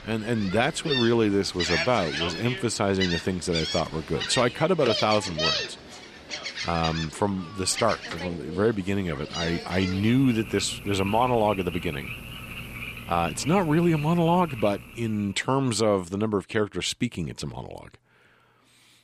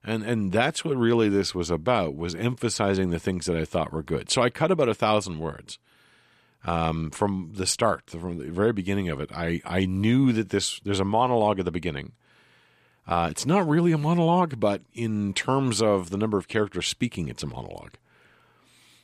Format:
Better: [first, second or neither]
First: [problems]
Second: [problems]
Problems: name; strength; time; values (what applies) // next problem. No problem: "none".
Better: second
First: animal sounds; loud; until 15 s; 7 dB below the speech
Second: none